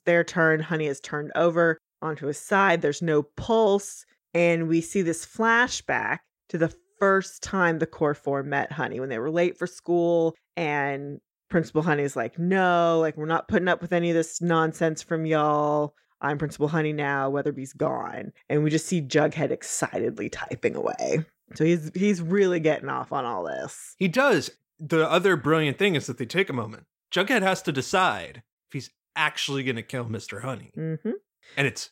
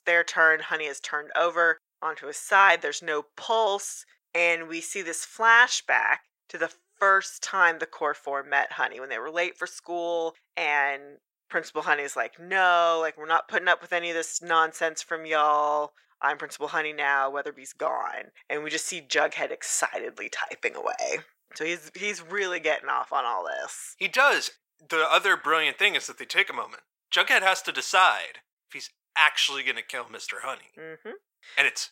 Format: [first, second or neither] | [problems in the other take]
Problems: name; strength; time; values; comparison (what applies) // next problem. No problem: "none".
first | thin; very; fading below 900 Hz